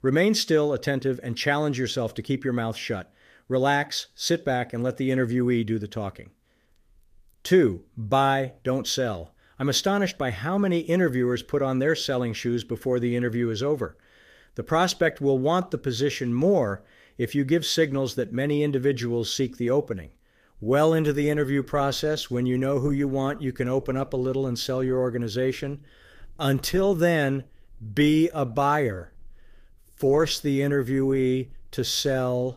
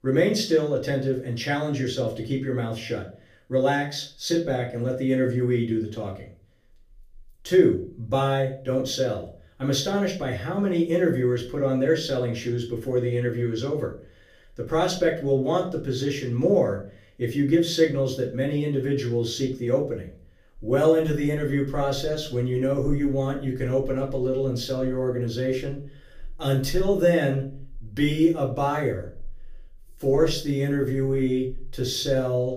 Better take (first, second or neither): first